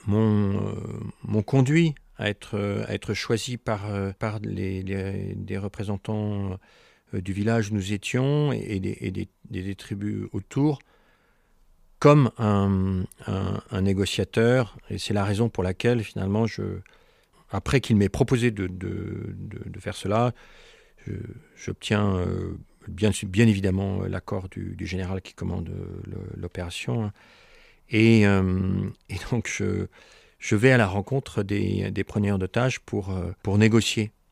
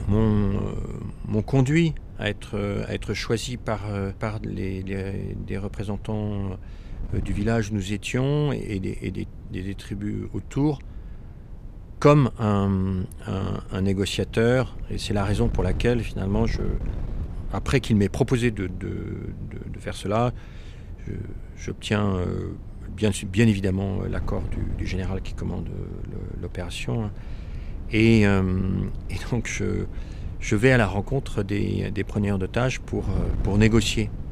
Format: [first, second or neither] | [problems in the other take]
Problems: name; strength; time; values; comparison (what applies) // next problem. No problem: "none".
first | wind noise on the microphone; occasional gusts; 20 dB below the speech